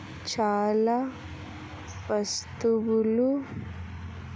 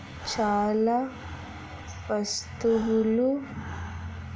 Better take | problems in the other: first | background sound (Breathing); 17 dB below the speech // room echo; dies away in 0.4 s

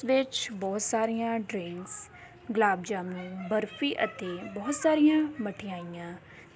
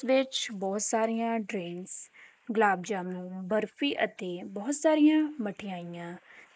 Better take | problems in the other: first | noise reduction (neural mask model Resemble Enhance denoiser)

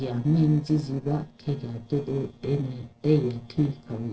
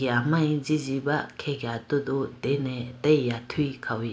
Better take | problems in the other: second | noise reduction (neural separator model SepFormer DNS4)

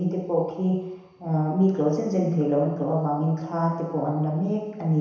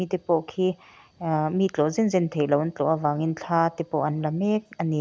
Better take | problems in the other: second | room echo; dies away in 1 s

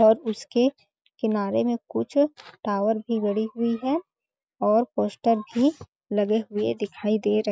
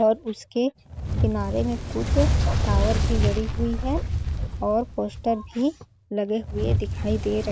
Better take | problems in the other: first | background sound (Fire); 1 dB above the speech

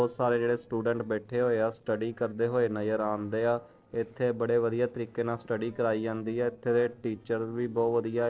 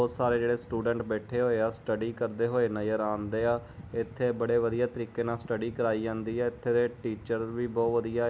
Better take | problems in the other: second | noise reduction (neural separator model SepFormer DNS4)

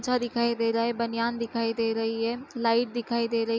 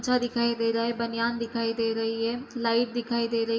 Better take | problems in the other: first | room echo; dies away in 2.1 s

